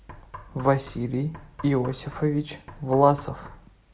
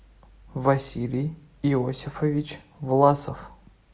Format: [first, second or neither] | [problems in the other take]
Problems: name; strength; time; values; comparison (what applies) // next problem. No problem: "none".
second | background sound (Knock); 19 dB below the speech